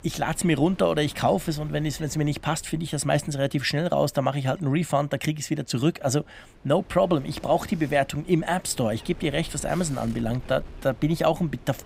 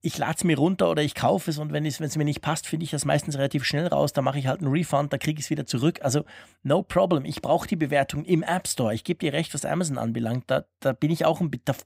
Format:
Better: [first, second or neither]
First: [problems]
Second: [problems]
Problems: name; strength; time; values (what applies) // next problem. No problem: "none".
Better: second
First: wind noise on the microphone; occasional gusts; 25 dB below the speech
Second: none